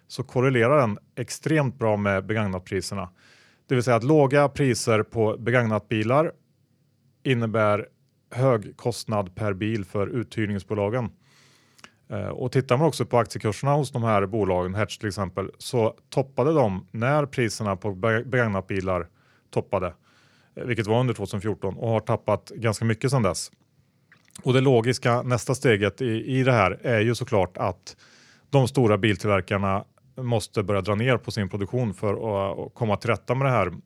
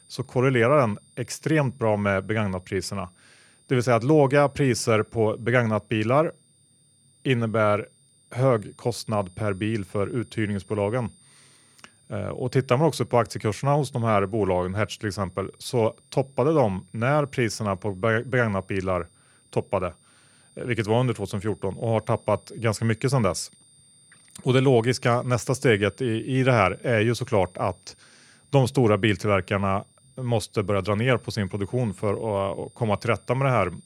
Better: first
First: none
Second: high-pitched whine; faint; throughout; 9 kHz, 30 dB below the speech

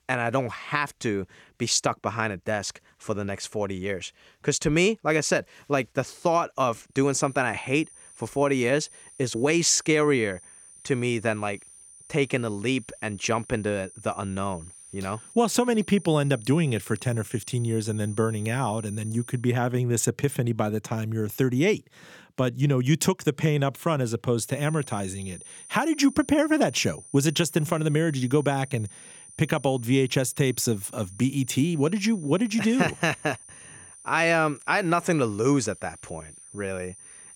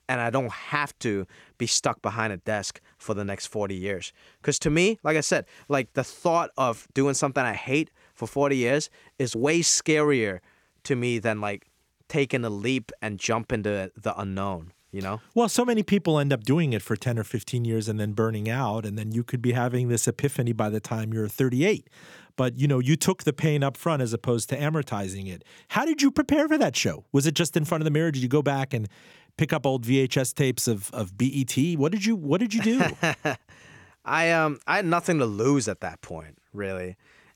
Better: second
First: high-pitched whine; noticeable; from 7 to 19 s and from 24 s on; 9.5 kHz, 20 dB below the speech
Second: none

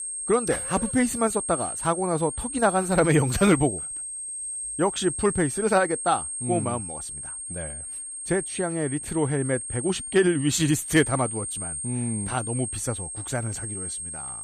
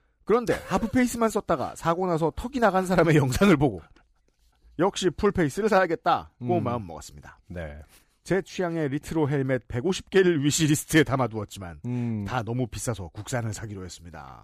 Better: second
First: high-pitched whine; loud; throughout; 8.5 kHz, 6 dB below the speech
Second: none

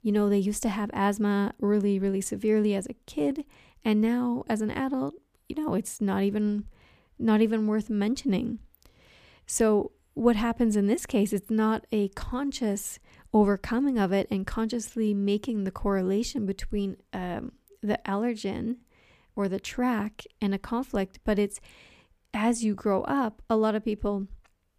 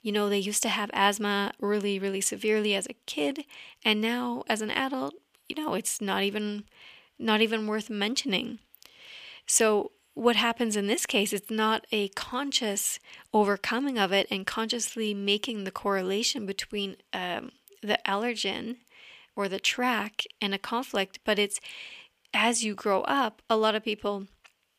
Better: first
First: none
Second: thin; somewhat; fading below 850 Hz

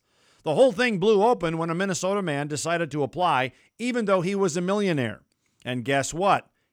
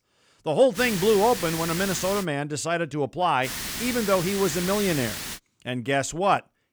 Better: first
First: none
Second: hiss; loud; from 1 to 2 s and from 3.5 to 5.5 s; 6 dB below the speech

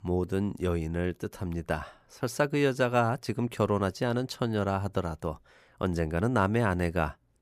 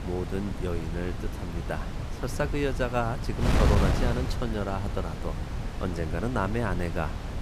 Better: first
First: none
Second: wind noise on the microphone; heavy; 4 dB below the speech

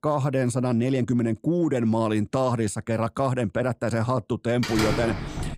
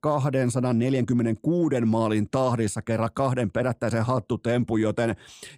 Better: second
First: door banging; noticeable; at 4.5 s; peak 2 dB below the speech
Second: none

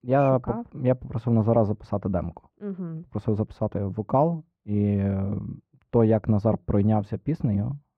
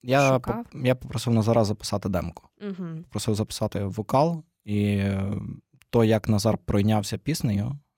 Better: second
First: muffled; very; fading above 3 kHz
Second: none

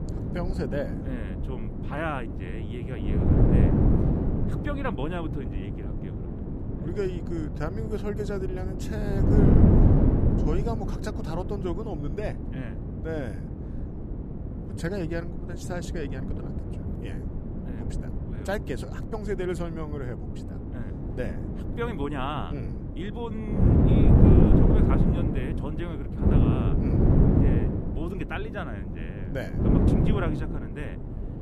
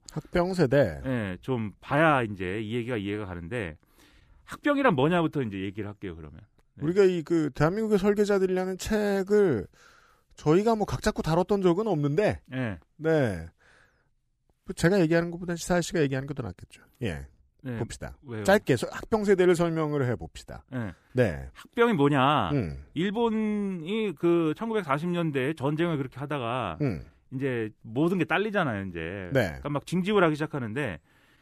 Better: second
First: wind noise on the microphone; heavy; 1 dB above the speech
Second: none

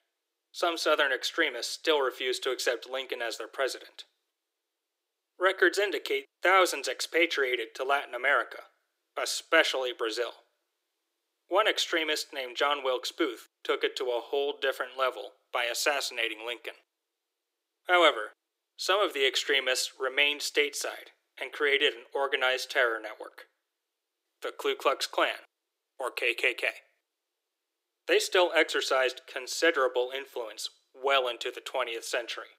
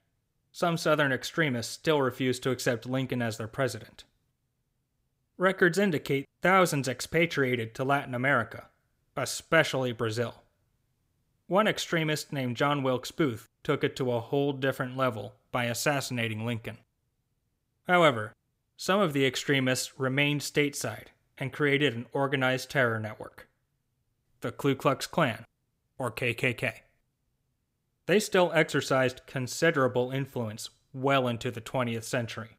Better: second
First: thin; very; fading below 350 Hz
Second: none

